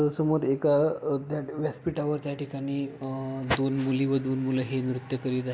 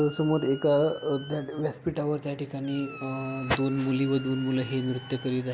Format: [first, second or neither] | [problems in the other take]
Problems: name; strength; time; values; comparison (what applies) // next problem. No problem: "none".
first | background sound (Squeak); 19 dB below the speech